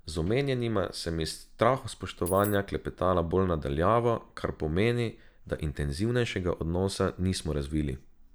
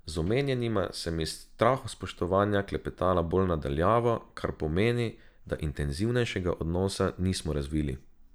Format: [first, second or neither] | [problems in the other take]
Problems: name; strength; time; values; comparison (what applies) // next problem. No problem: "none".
second | background sound (Coin (dropping)); 12 dB below the speech